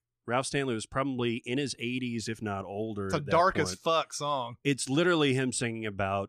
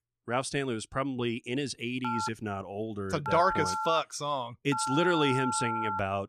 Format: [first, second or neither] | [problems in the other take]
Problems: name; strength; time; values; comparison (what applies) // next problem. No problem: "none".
first | phone ringing; noticeable; from 2 s on; peak 1 dB below the speech